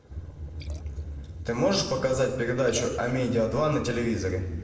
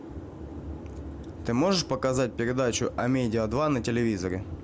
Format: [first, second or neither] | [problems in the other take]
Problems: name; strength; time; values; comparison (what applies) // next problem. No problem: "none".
second | noise reduction (neural separator model SepFormer DNS4)